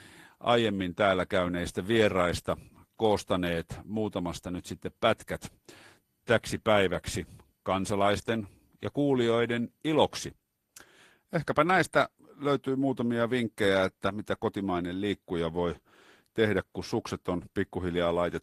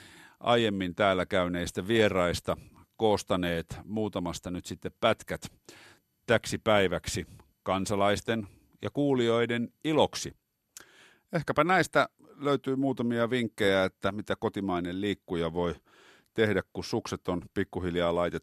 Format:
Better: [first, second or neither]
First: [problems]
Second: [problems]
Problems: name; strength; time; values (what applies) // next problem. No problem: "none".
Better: second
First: garbled, watery; slightly; nothing above 13.5 kHz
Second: none